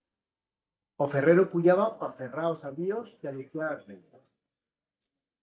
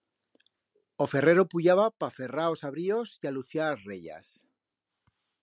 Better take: second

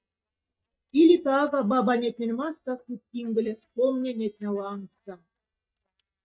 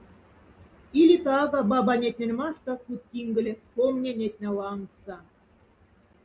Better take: second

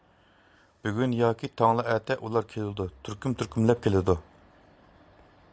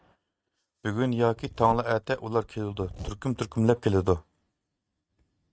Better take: first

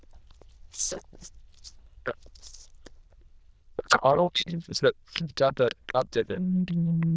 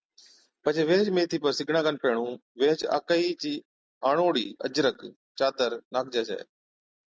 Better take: second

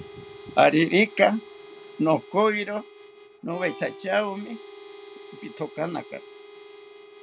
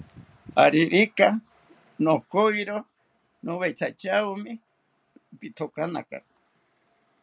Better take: second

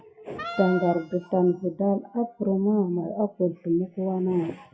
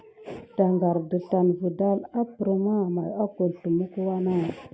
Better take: second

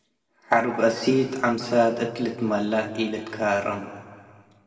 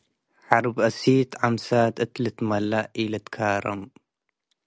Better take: second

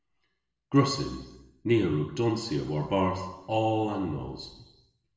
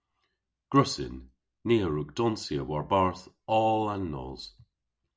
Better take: second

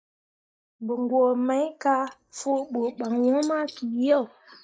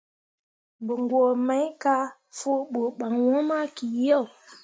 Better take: second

